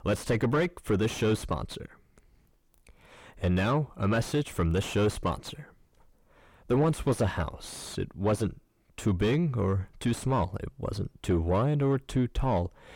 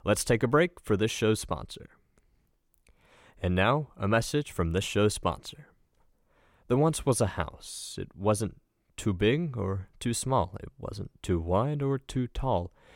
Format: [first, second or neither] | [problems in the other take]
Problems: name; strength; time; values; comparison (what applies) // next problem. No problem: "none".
second | distortion; heavy; 7 dB below the speech